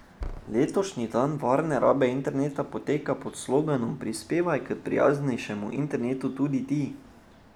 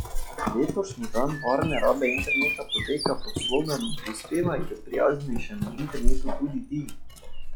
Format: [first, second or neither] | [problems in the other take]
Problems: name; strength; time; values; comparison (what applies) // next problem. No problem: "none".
first | noise reduction (classical method log-MMSE)